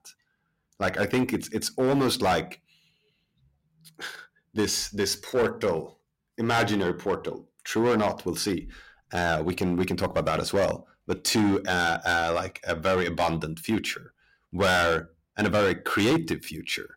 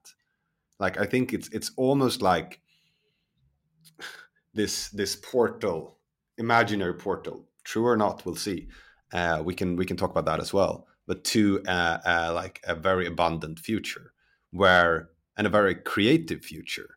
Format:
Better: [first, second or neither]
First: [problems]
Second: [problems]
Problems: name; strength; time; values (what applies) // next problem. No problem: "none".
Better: second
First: distortion; heavy; 7% of the sound clipped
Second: none